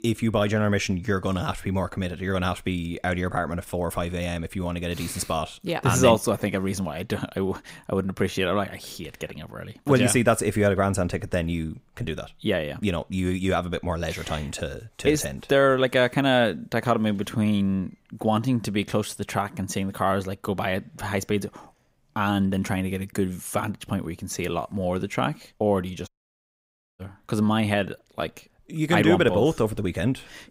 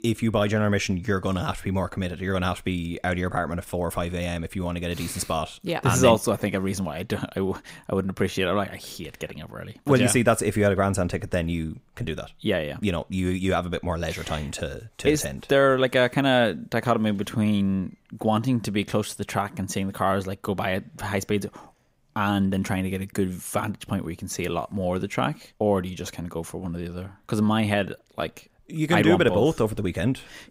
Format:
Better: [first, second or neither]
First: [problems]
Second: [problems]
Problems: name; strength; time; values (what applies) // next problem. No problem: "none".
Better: second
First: audio cutting out; at 26 s for 1 s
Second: none